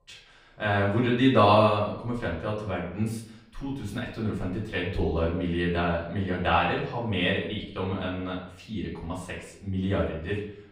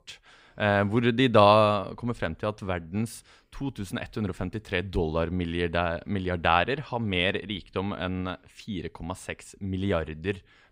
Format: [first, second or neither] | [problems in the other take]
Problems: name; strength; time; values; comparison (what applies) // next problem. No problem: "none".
second | off-mic speech; far // room echo; noticeable; dies away in 0.6 s